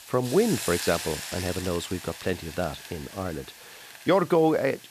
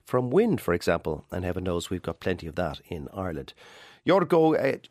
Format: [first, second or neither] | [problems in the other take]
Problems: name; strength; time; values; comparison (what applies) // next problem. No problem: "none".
second | hiss; loud; throughout; 9 dB below the speech